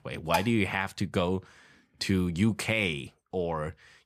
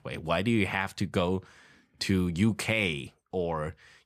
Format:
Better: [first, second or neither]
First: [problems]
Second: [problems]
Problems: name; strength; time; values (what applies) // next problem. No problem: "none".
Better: second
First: clattering dishes; noticeable; at 0.5 s; peak 3 dB below the speech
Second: none